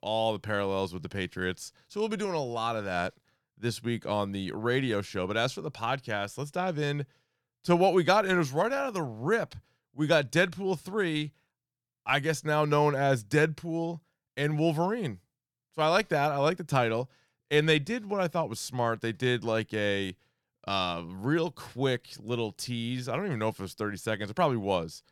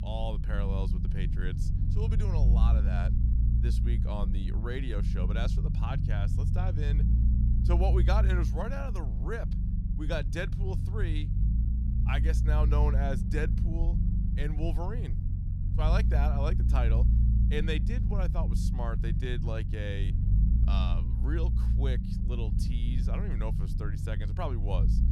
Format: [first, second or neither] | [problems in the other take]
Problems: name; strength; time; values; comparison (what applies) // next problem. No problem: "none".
first | low rumble; loud; throughout; 5 dB below the speech